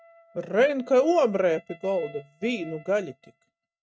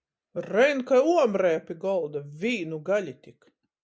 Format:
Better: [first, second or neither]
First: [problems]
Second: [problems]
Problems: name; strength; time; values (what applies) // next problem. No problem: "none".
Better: second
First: noise reduction (neural mask model RNNoise)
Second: none